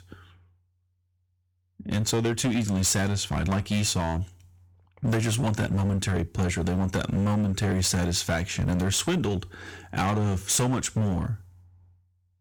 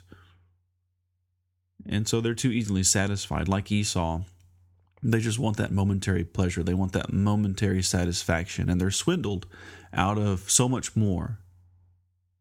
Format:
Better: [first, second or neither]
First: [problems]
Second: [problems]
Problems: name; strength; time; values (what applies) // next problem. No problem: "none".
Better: second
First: distortion; heavy; 14% of the sound clipped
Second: none